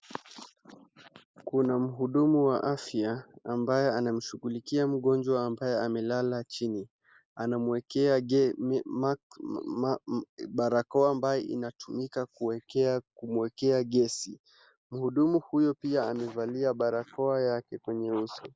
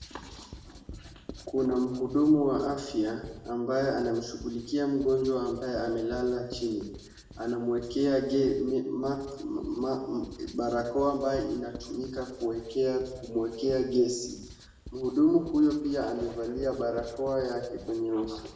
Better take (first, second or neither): first